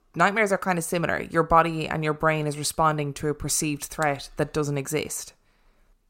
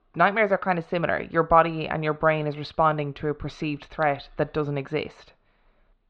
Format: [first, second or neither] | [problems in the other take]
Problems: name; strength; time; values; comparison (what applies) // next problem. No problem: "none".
first | muffled; very; fading above 4 kHz